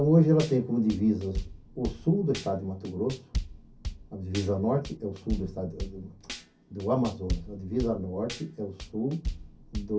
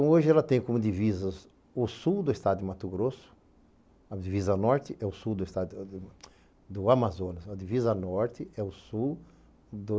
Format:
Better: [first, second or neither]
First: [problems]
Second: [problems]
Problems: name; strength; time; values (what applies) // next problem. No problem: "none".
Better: second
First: background sound (Drum / Drum kit); 10 dB below the speech // room echo; dies away in 0.3 s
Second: none